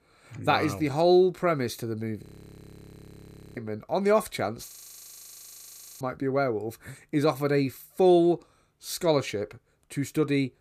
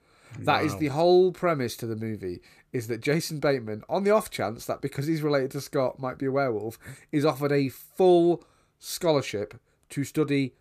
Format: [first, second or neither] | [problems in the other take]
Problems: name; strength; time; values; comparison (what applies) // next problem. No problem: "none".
second | audio freezing; at 2 s for 1.5 s and at 4.5 s for 1.5 s